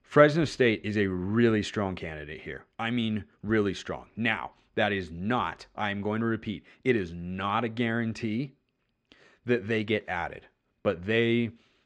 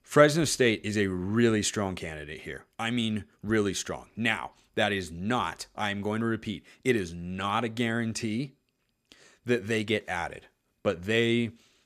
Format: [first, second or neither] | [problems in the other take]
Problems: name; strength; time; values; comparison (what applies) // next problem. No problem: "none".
second | muffled; slightly; fading above 3 kHz